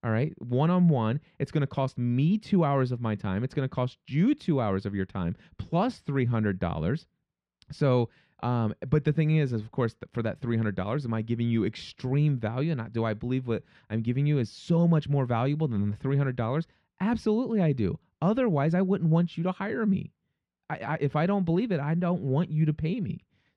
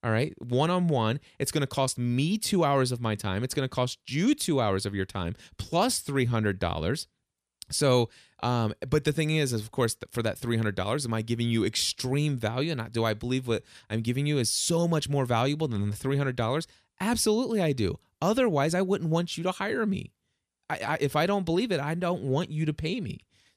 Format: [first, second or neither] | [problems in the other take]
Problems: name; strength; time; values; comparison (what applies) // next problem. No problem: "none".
second | muffled; very; fading above 2 kHz